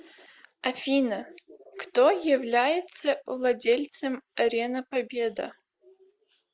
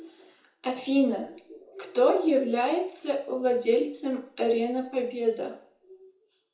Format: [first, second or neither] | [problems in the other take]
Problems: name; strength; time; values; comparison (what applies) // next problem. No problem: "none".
first | room echo; dies away in 0.6 s